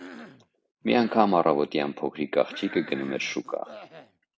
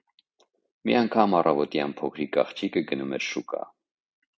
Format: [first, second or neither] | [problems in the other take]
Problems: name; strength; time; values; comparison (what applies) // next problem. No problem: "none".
second | background sound (Cough); 19 dB below the speech